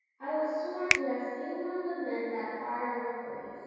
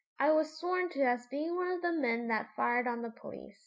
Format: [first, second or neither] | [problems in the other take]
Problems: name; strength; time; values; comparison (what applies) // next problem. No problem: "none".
second | background sound (Finger snapping); 3 dB below the speech // room echo; dies away in 2.2 s